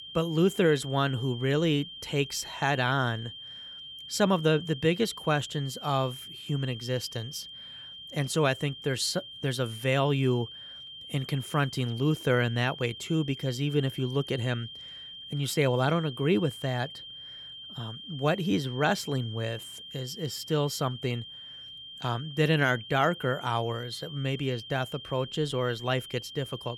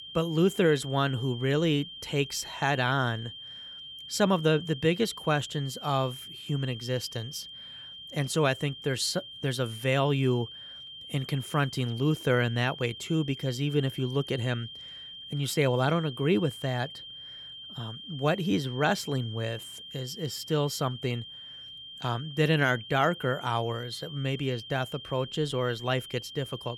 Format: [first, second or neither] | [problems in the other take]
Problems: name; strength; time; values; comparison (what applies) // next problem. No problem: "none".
neither | high-pitched whine; noticeable; throughout; 3 kHz, 10 dB below the speech; the same in both